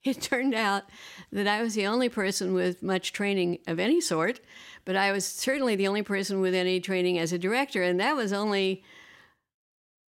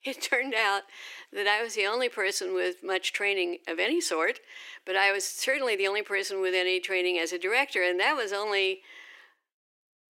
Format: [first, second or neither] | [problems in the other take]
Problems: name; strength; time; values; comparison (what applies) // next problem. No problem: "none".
first | thin; very; fading below 350 Hz